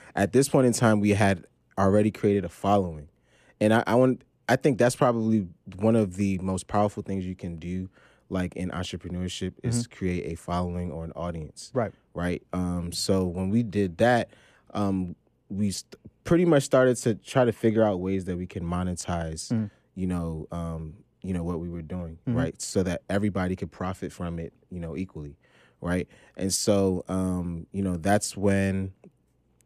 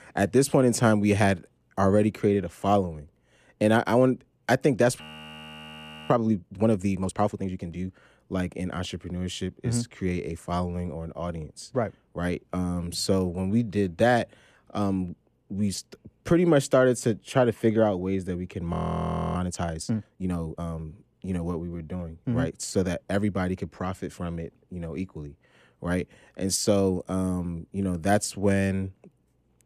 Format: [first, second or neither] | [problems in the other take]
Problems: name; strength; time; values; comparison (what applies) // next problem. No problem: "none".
first | audio freezing; at 5 s for 1 s and at 19 s for 0.5 s